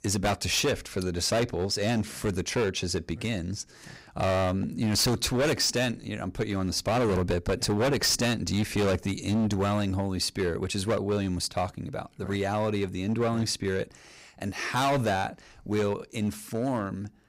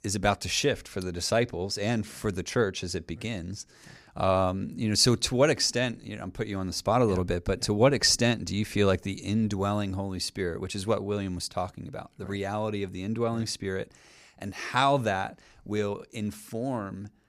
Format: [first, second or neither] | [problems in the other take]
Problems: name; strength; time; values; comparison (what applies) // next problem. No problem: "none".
second | distortion; heavy; 12% of the sound clipped